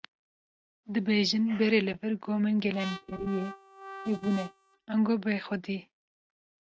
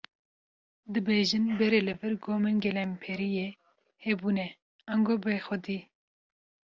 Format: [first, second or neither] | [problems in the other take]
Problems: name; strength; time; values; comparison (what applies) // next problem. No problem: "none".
second | noise reduction (neural mask model RNNoise)